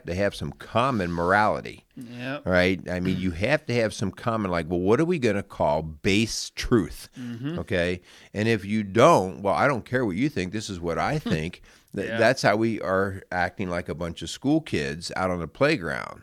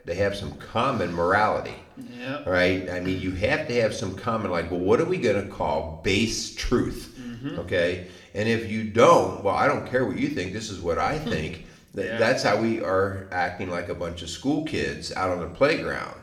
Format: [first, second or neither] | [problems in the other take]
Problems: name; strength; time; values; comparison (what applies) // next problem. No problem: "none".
first | room echo; slight; dies away in 0.7 s